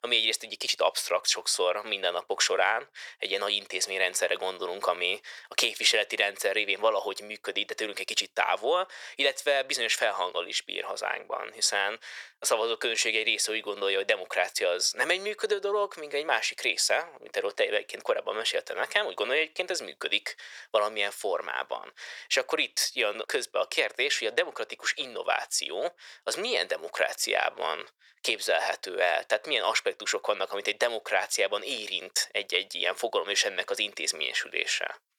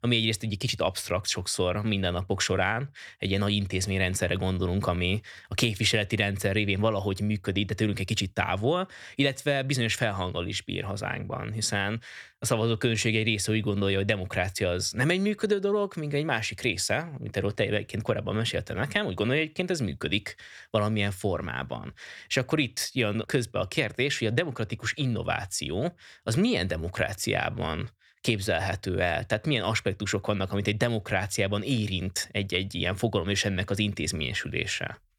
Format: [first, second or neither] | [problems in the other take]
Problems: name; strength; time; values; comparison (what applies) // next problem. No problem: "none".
second | thin; very; fading below 500 Hz